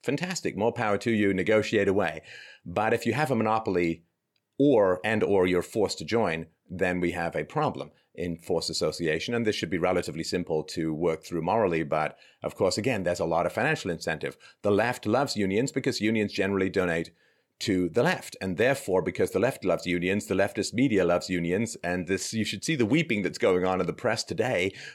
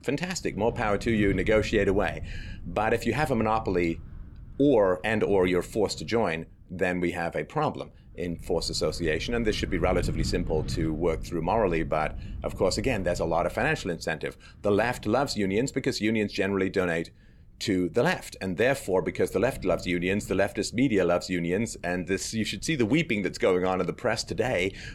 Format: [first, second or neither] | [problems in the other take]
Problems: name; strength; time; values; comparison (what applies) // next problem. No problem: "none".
first | wind noise on the microphone; occasional gusts; 25 dB below the speech